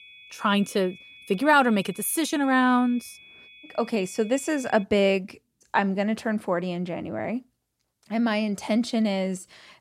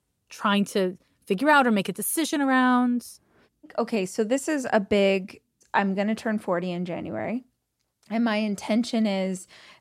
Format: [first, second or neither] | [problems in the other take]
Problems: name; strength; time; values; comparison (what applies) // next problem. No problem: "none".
second | high-pitched whine; faint; until 5 s; 2.5 kHz, 20 dB below the speech